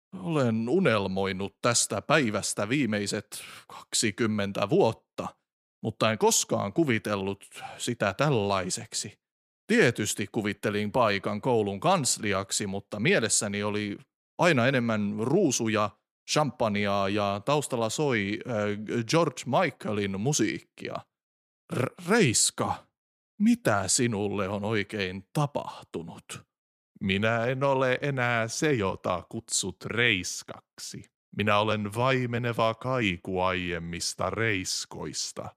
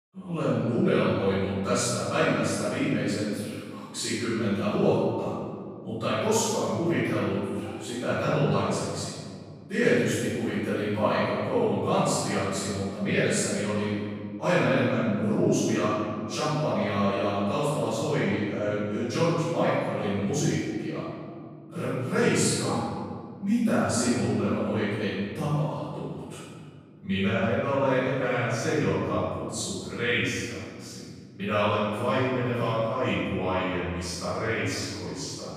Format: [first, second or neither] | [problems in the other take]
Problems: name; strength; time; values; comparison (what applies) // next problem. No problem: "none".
first | off-mic speech; far // room echo; strong; dies away in 1.9 s